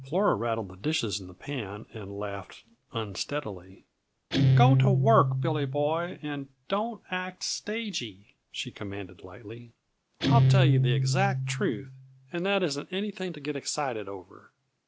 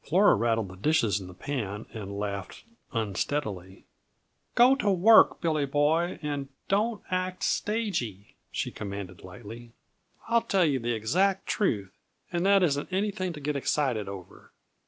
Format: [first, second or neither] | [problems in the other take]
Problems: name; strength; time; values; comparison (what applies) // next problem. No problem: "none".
second | background sound (Guitar); 1 dB above the speech